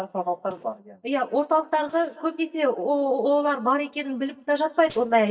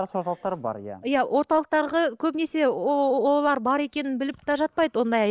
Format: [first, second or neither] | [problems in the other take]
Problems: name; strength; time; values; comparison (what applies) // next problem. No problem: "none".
second | noise reduction (neural mask model DeepFilterNet 3)